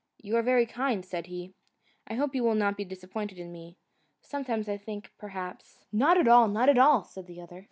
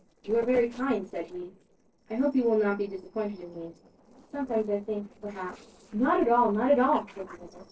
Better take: first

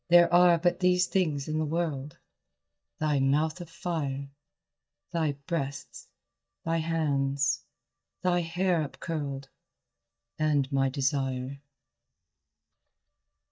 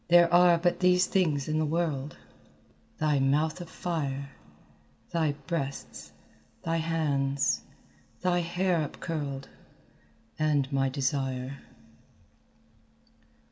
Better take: second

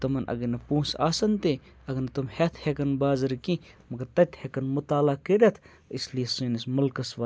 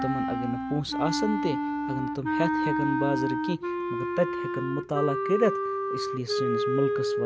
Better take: first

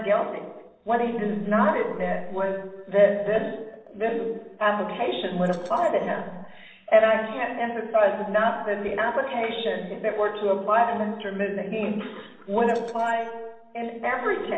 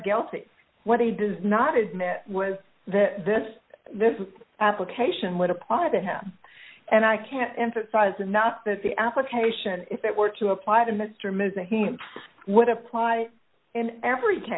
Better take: second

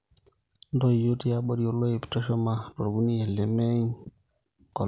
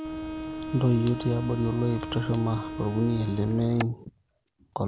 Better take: first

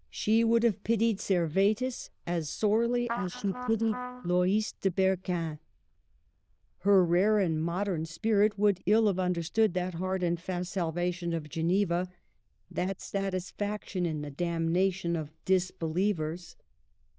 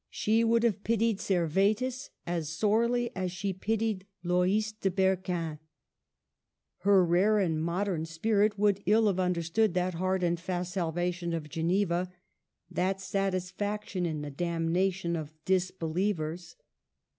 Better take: second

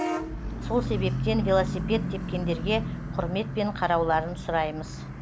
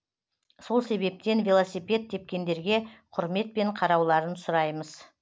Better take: second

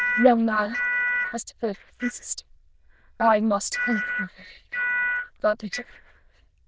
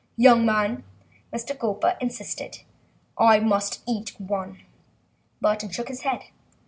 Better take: second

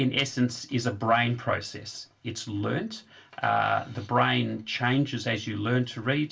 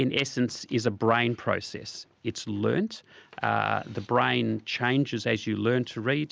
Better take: second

